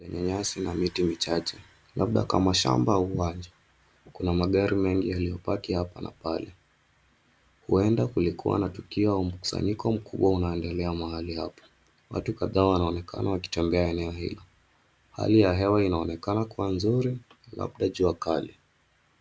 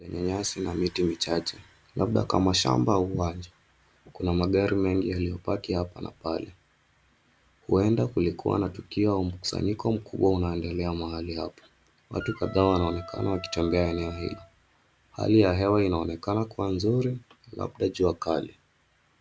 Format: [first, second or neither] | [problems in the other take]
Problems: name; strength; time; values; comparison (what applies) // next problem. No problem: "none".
first | background sound (Wind instrument, woodwind instrument); 17 dB below the speech